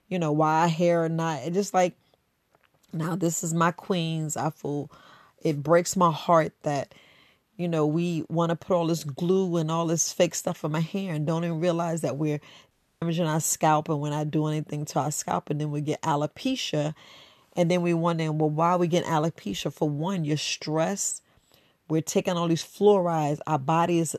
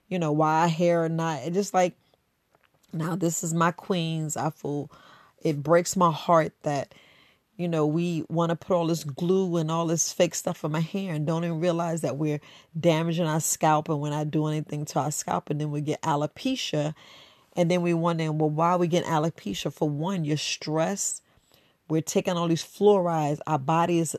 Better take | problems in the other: second | audio cutting out; at 13 s

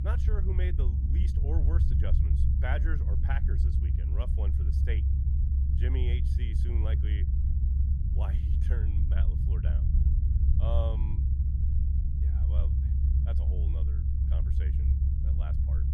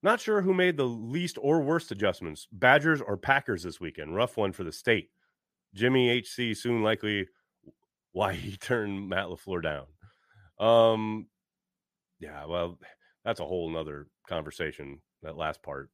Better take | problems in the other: second | low rumble; loud; throughout; 1 dB below the speech

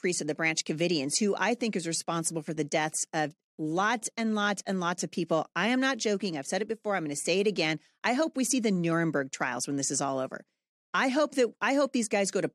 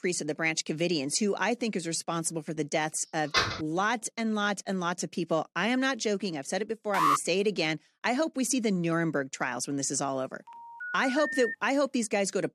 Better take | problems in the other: first | door banging; loud; at 3.5 s; peak 2 dB above the speech // alarm; loud; at 7 s; peak 4 dB above the speech // phone ringing; noticeable; from 10 to 12 s; peak 3 dB below the speech

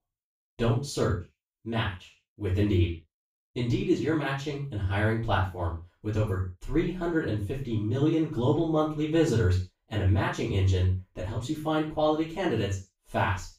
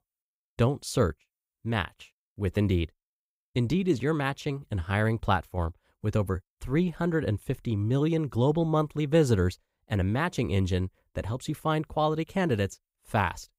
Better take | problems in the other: second | room echo; noticeable; dies away in 0.3 s // off-mic speech; far

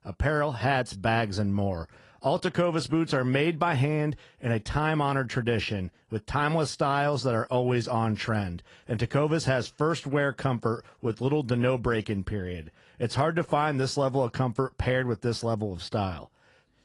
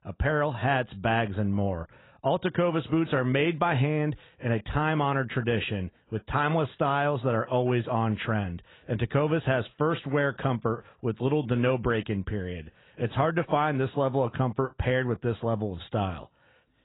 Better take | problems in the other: first | garbled, watery; badly; nothing above 4 kHz; slightly in the first

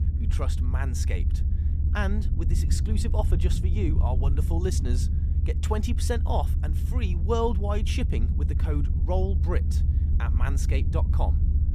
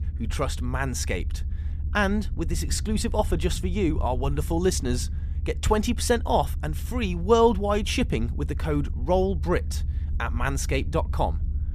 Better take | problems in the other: second | low rumble; loud; throughout; 8 dB below the speech; faint in the second

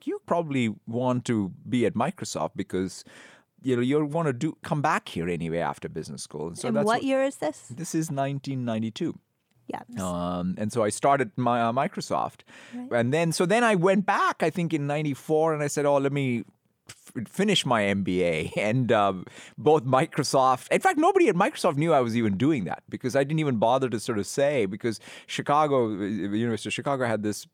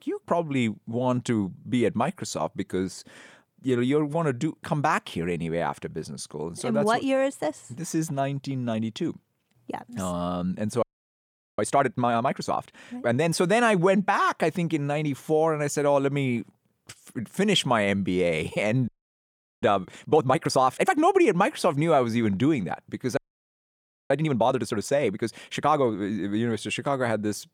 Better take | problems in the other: first | audio freezing; at 11 s for 1 s, at 19 s for 0.5 s and at 23 s for 1 s

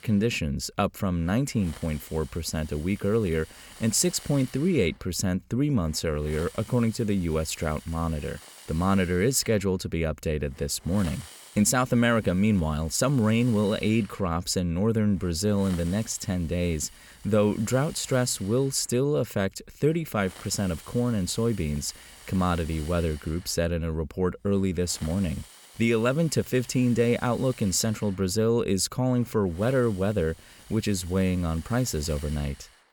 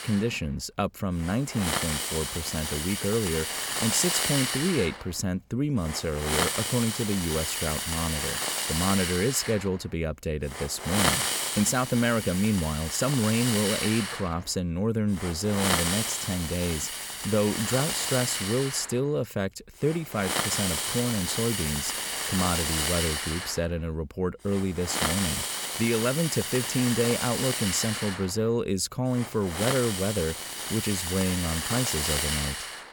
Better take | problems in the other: first | hiss; loud; throughout; as loud as the speech; faint in the first

